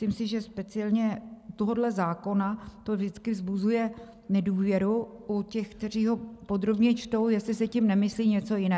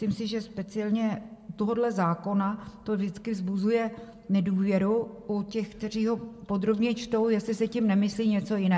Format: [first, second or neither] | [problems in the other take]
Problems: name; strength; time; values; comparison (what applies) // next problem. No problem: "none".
first | room echo; dies away in 2 s